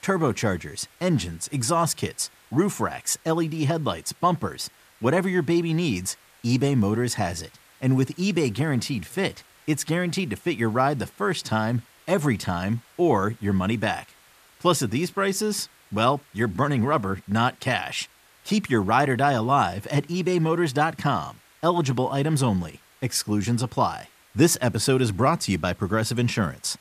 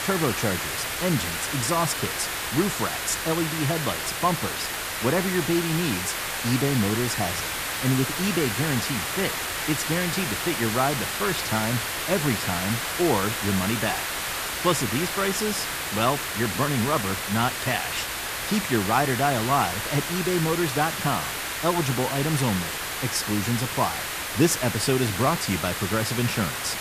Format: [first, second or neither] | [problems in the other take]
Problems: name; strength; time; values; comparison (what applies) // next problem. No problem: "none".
first | hiss; loud; throughout; 1 dB below the speech; faint in the first